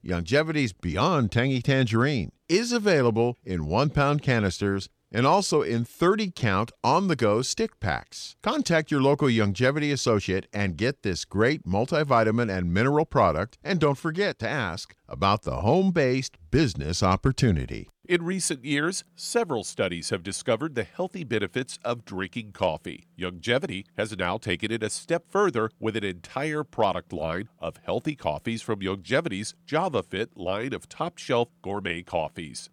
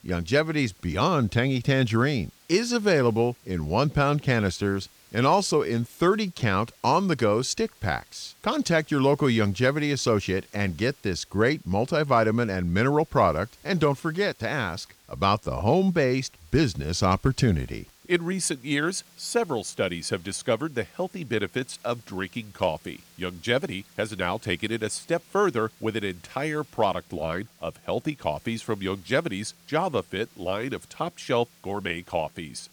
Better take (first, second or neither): first